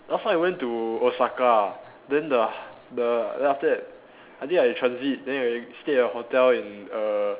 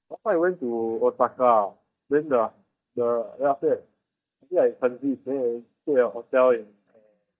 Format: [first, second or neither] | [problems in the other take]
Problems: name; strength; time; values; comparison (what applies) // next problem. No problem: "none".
first | noise reduction (neural mask model DeepFilterNet 3)